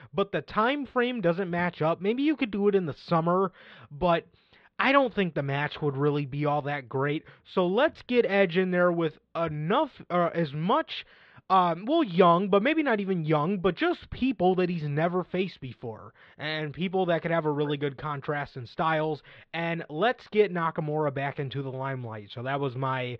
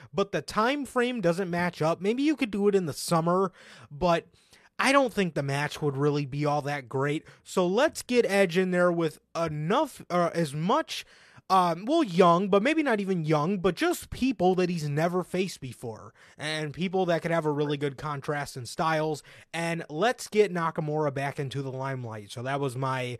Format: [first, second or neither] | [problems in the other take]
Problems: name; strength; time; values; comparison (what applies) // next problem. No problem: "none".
second | muffled; slightly; fading above 4 kHz